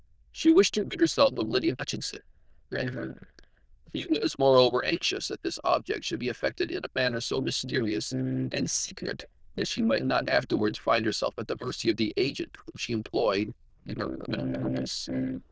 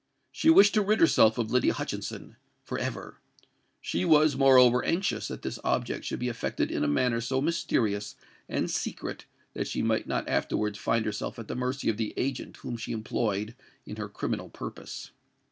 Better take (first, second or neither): second